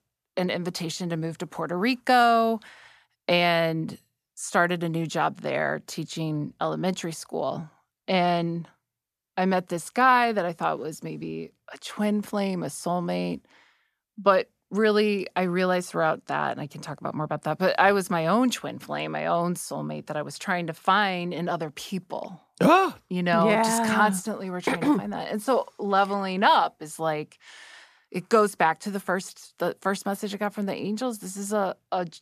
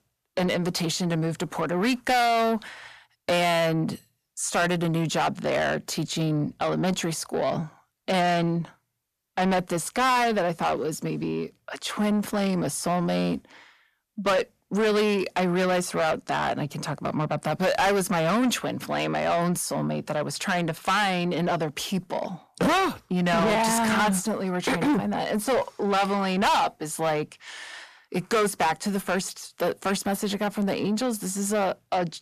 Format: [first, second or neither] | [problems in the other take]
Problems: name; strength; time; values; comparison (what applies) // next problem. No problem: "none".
first | distortion; heavy; 6 dB below the speech